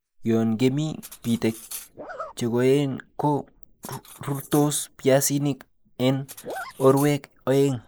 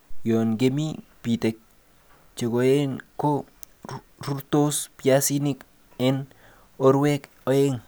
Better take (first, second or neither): second